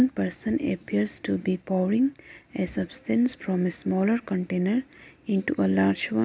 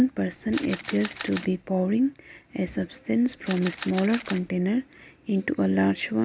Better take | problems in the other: first | background sound (Camera); 13 dB below the speech

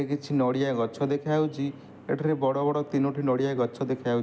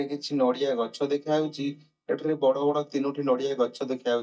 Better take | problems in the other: first | noise reduction (neural mask model DeepFilterNet 3)

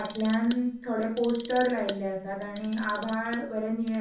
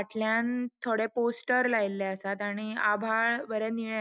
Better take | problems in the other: second | background sound (Clock); 18 dB below the speech // room echo; dies away in 0.6 s

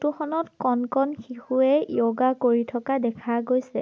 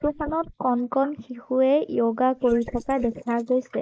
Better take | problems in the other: first | noise reduction (neural mask model Resemble Enhance denoiser)

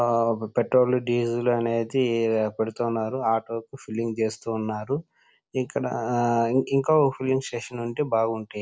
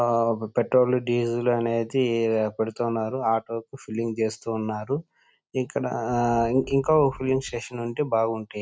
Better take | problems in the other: first | noise reduction (neural mask model RNNoise)

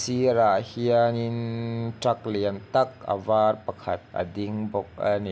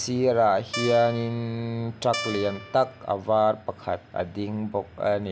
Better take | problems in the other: first | background sound (Guitar); 10 dB below the speech

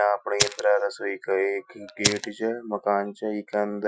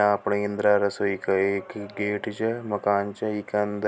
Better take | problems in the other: second | noise reduction (classical method Wiener filter)

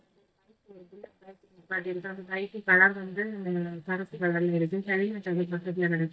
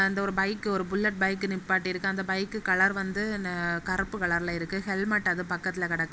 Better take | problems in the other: second | noise reduction (neural mask model DeepFilterNet 3)

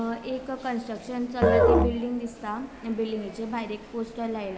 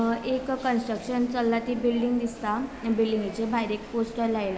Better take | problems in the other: second | background sound (Musical instrument); 5 dB above the speech

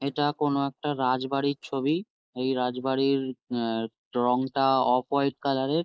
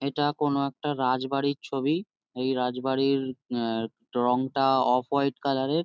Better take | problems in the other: second | noise reduction (neural mask model Resemble Enhance denoiser)

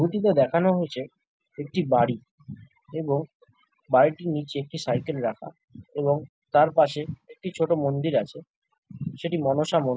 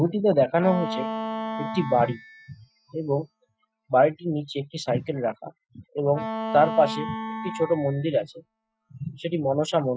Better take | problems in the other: first | noise reduction (classical method Wiener filter)

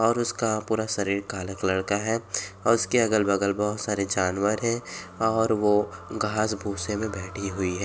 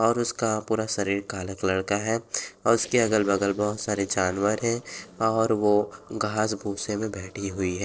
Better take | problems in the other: first | noise reduction (neural separator model SepFormer DNS4)

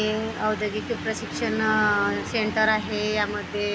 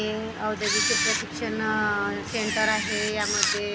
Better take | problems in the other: first | background sound (Camera); 1 dB below the speech

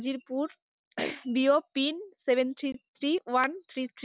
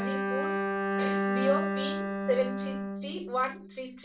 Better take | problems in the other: first | background sound (Bowed string instrument); 3 dB above the speech // room echo; dies away in 0.3 s

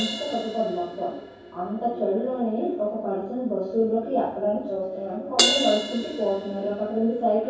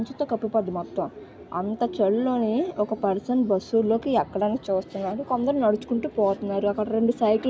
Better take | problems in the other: second | background sound (Crash cymbal); 7 dB below the speech // room echo; dies away in 0.7 s

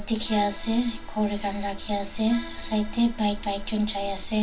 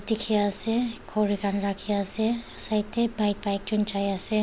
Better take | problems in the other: second | background sound (Accordion); 18 dB below the speech // room echo; dies away in 0.2 s

